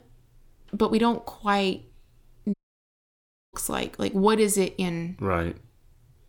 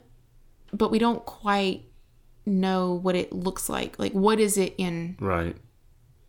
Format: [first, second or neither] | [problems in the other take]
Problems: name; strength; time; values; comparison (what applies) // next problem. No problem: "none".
second | audio cutting out; at 2.5 s for 1 s